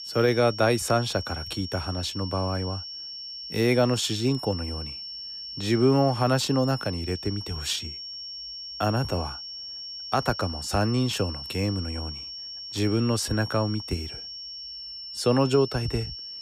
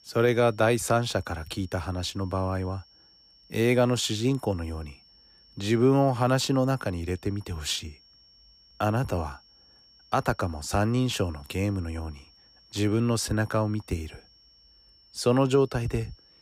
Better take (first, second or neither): second